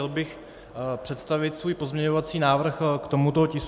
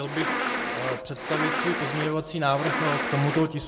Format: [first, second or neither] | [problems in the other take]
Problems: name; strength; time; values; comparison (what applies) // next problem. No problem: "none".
first | background sound (Insect); 1 dB below the speech // room echo; dies away in 1.2 s